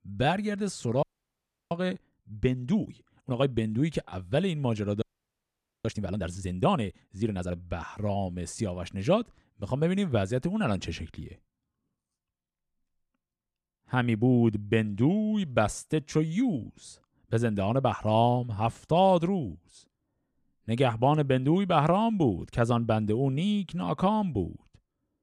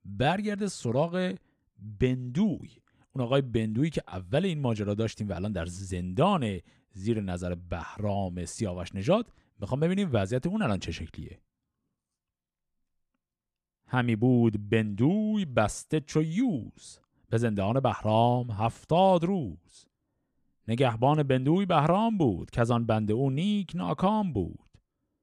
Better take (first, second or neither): second